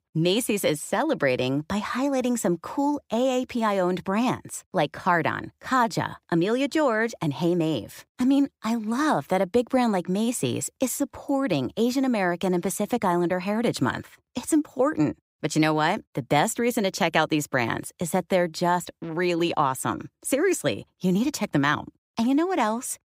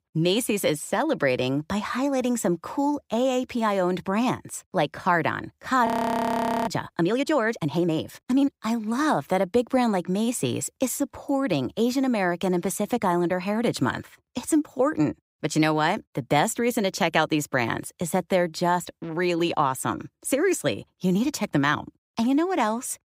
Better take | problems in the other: first | audio freezing; at 6 s for 1 s

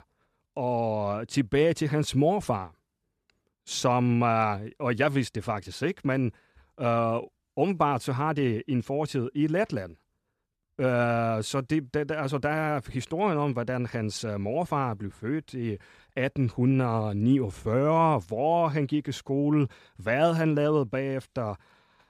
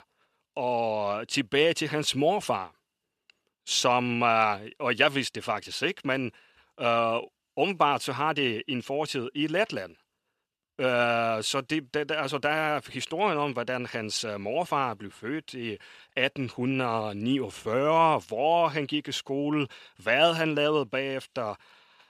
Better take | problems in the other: first | thin; very slightly; fading below 1 kHz

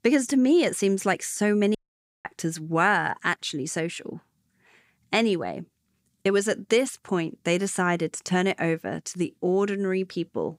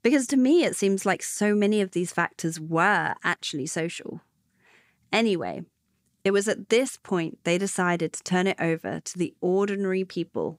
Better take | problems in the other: second | audio cutting out; at 2 s for 0.5 s

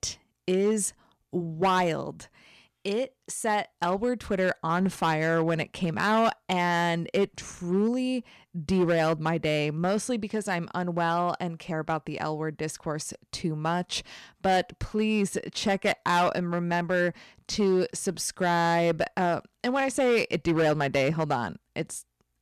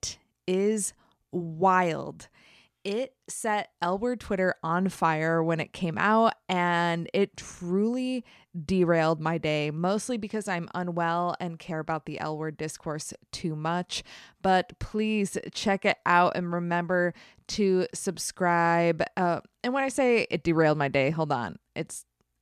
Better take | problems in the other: second | distortion; slight; 5% of the sound clipped

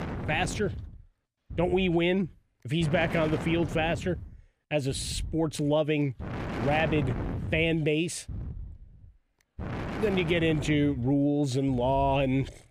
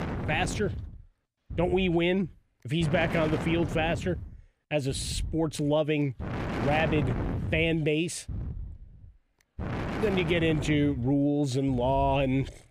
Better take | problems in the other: first | wind noise on the microphone; heavy; 9 dB below the speech; occasional gusts in the first

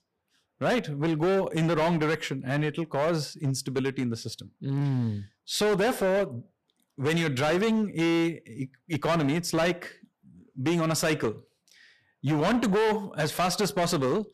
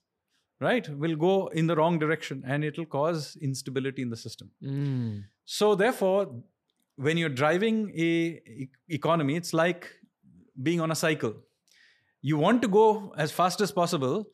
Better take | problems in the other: second | distortion; heavy; 14% of the sound clipped

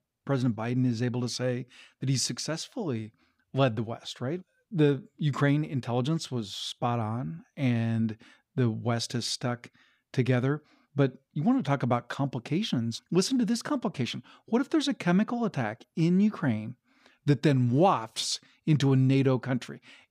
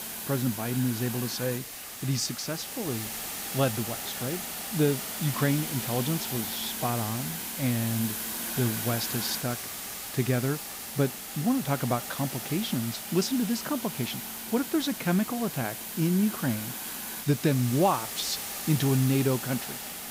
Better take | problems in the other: first | hiss; loud; throughout; 4 dB below the speech

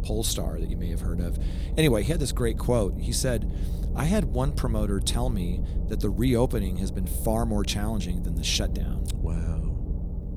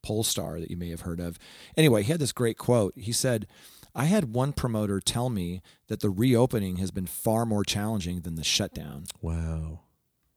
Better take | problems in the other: second | low rumble; noticeable; throughout; 15 dB below the speech

